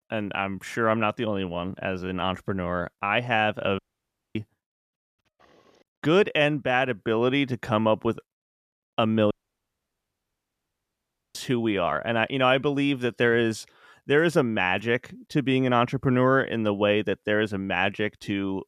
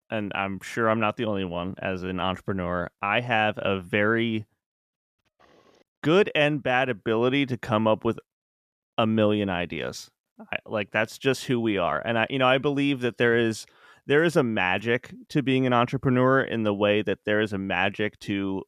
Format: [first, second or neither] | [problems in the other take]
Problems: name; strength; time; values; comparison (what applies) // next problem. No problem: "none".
second | audio cutting out; at 4 s for 0.5 s and at 9.5 s for 2 s